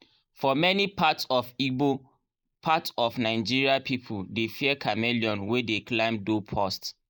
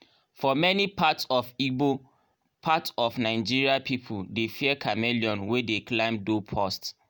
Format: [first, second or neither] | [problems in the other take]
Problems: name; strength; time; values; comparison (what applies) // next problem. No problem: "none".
second | noise reduction (neural mask model Resemble Enhance denoiser)